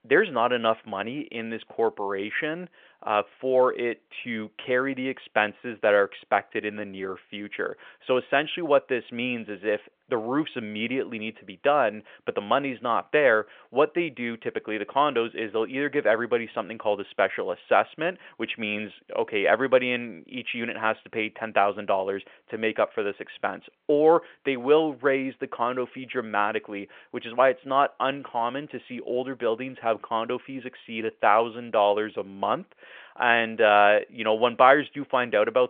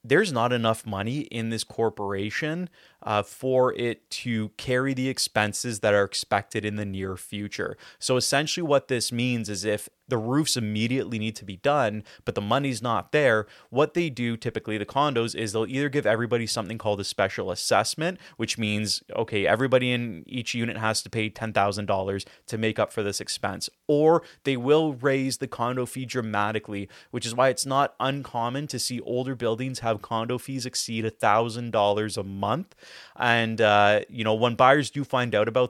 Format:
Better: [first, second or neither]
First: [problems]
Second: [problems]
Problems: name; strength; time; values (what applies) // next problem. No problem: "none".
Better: second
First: phone-call audio; nothing above 3.5 kHz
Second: none